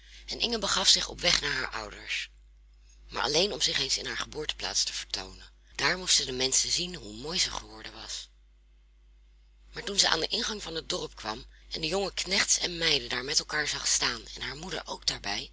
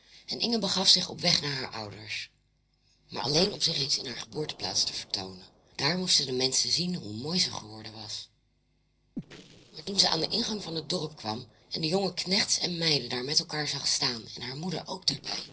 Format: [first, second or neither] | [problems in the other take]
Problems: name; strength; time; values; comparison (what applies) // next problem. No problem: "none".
first | noise reduction (neural separator model SepFormer DNS4)